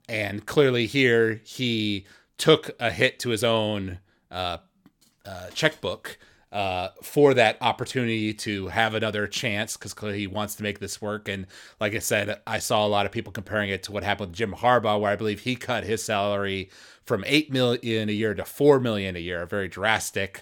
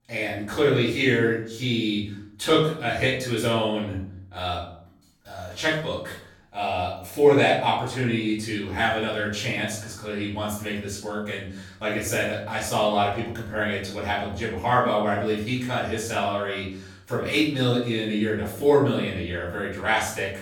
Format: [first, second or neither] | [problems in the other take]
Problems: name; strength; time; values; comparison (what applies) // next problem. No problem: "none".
first | off-mic speech; far // room echo; noticeable; dies away in 0.5 s